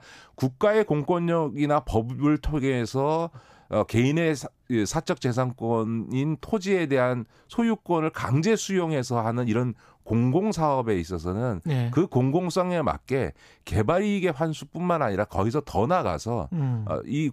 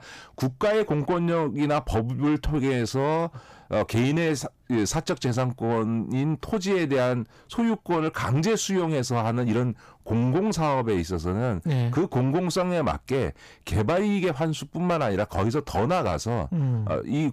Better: first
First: none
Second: distortion; slight; 10 dB below the speech

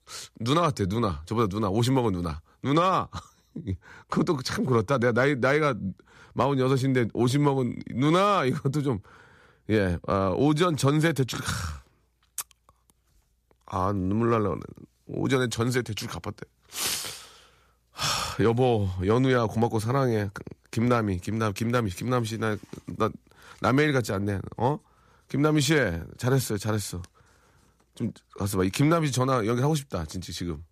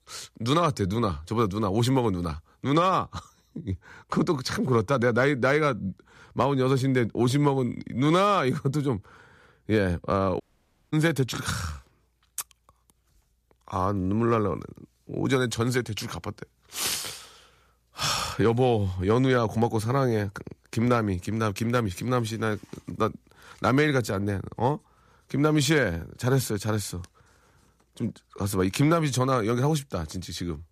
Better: first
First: none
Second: audio cutting out; at 10 s for 0.5 s

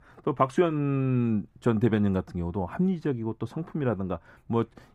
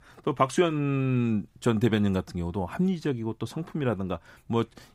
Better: second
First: muffled; slightly; fading above 2.5 kHz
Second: none

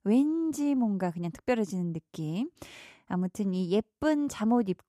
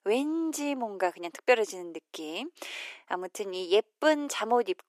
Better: first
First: none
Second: thin; very; fading below 350 Hz

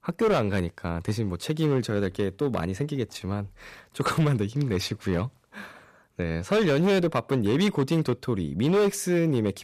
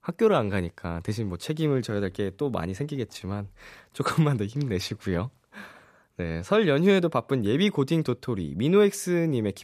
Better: second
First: distortion; slight; 8% of the sound clipped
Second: none

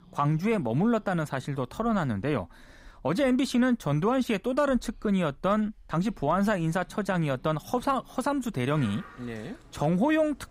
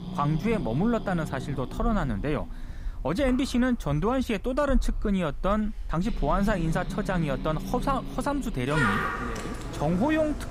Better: first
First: animal sounds; faint; throughout; 25 dB below the speech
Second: animal sounds; loud; throughout; 7 dB below the speech

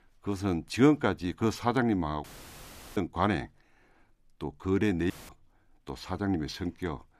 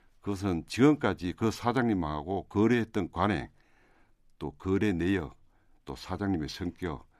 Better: second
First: audio cutting out; filled with static; at 2 s for 0.5 s and at 5 s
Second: none

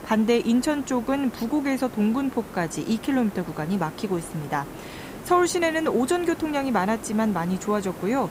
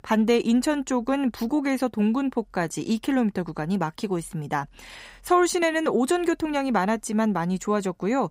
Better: second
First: hiss; noticeable; throughout; 15 dB below the speech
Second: none

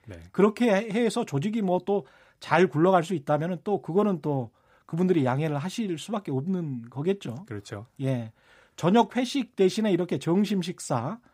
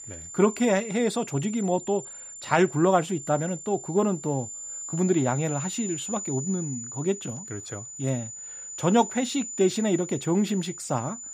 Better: first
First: none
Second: high-pitched whine; loud; throughout; 7 kHz, 10 dB below the speech

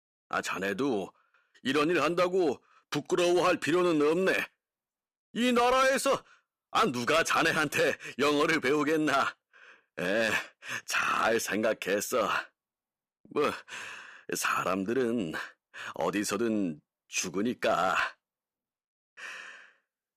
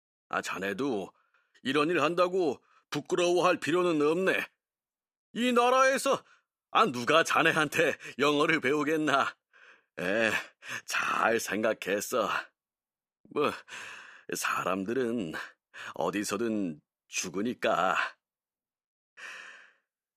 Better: second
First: distortion; slight; 4% of the sound clipped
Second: none

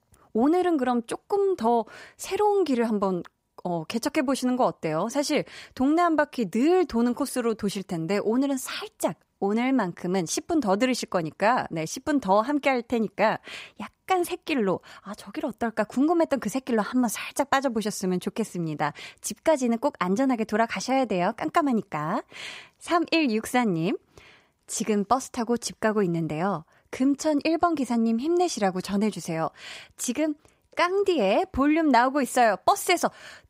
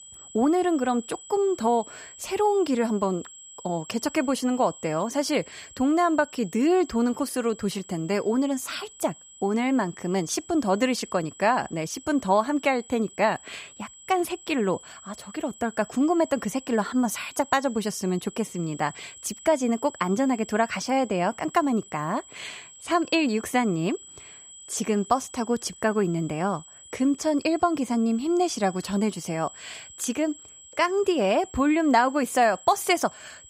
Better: first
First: none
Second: high-pitched whine; noticeable; throughout; 7.5 kHz, 20 dB below the speech

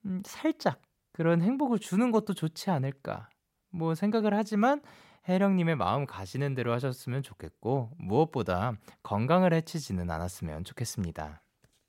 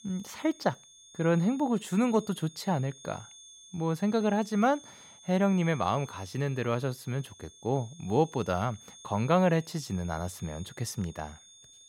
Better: first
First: none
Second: high-pitched whine; faint; throughout; 6.5 kHz, 20 dB below the speech

